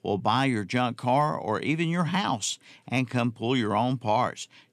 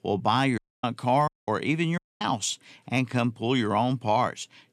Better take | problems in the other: first | audio cutting out; at 0.5 s, at 1.5 s and at 2 s

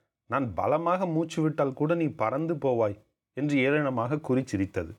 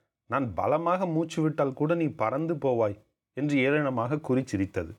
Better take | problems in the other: neither | none

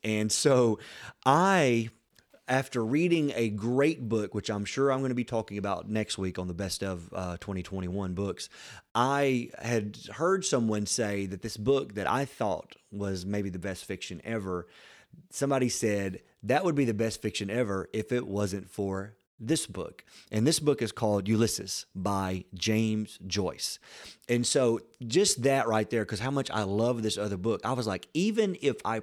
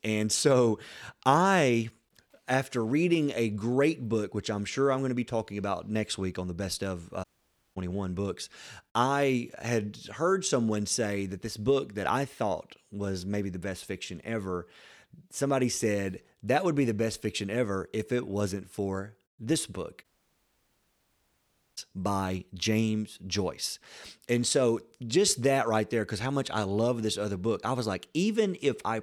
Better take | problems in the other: first | audio cutting out; at 7 s for 0.5 s and at 20 s for 1.5 s

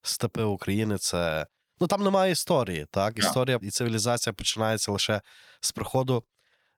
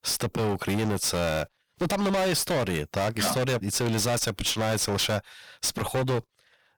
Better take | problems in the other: first | distortion; heavy; 28% of the sound clipped

